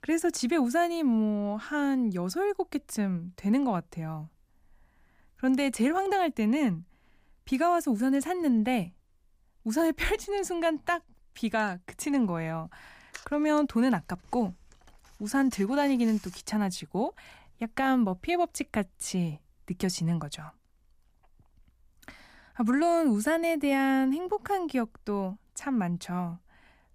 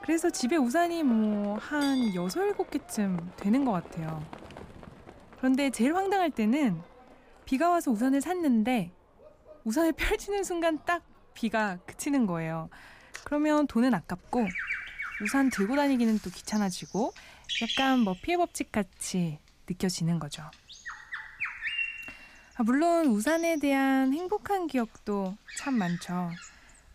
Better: first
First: none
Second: animal sounds; loud; throughout; 10 dB below the speech

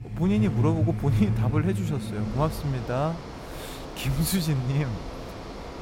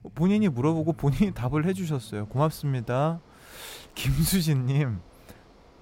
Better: second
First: traffic noise; loud; throughout; 4 dB below the speech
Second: traffic noise; faint; throughout; 20 dB below the speech

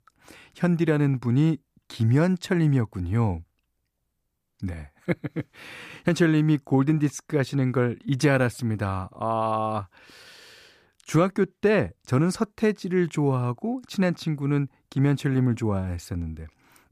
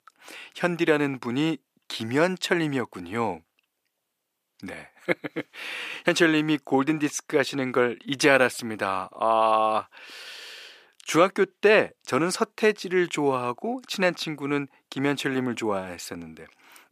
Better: first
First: none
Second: thin; somewhat; fading below 400 Hz

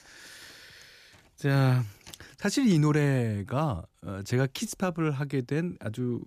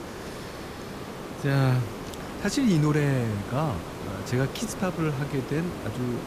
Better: first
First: none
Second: hiss; loud; throughout; 9 dB below the speech

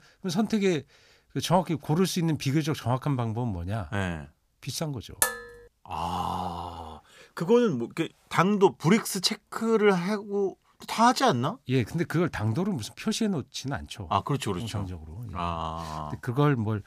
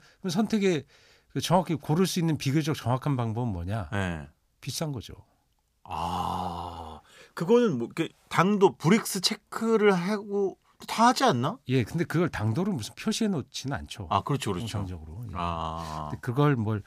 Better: second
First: clattering dishes; loud; at 5 s; peak 1 dB above the speech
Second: none

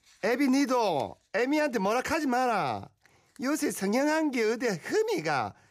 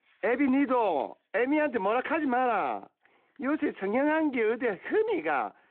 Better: first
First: none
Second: phone-call audio

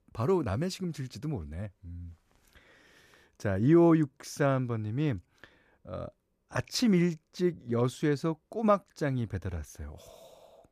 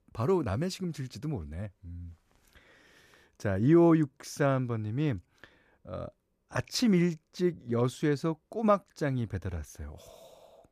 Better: neither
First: none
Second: none

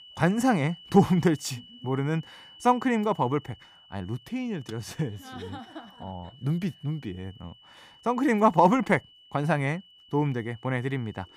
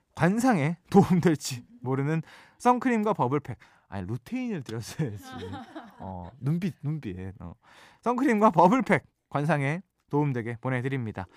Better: second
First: high-pitched whine; faint; throughout; 3 kHz, 25 dB below the speech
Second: none

